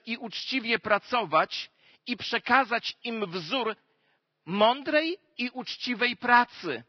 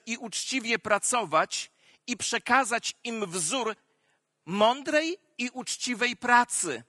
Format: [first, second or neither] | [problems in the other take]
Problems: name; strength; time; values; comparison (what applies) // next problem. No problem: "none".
second | garbled, watery; badly; nothing above 5.5 kHz; slightly in the second